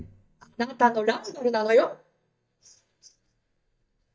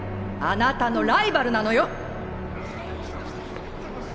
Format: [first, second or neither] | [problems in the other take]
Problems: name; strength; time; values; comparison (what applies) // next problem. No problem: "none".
second | noise reduction (neural mask model DeepFilterNet 3)